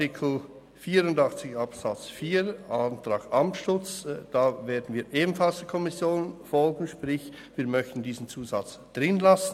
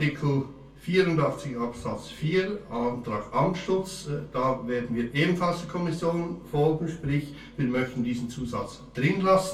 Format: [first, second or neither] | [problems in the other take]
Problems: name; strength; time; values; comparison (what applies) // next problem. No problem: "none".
first | room echo; dies away in 0.2 s